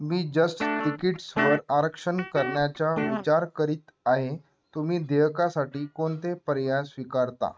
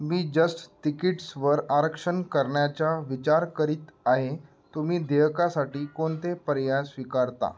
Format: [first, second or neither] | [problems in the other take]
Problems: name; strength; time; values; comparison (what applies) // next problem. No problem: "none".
second | noise reduction (neural mask model RNNoise)